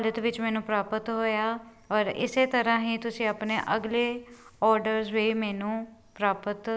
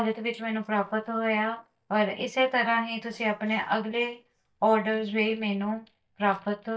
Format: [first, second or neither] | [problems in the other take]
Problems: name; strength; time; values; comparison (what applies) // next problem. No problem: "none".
first | noise reduction (neural mask model DeepFilterNet 3)